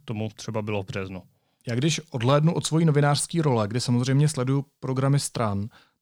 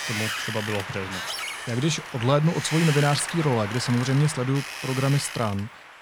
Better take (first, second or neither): first